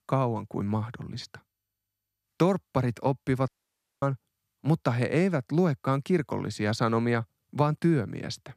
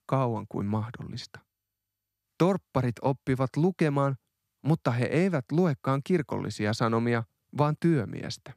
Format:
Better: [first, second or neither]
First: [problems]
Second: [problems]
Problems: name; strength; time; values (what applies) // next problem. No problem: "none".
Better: second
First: audio cutting out; at 3.5 s for 0.5 s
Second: none